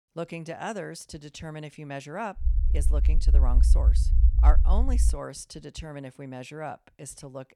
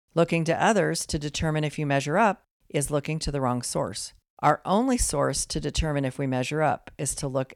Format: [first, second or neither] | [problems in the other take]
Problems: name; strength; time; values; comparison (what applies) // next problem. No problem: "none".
second | low rumble; loud; from 2.5 to 5 s; 8 dB below the speech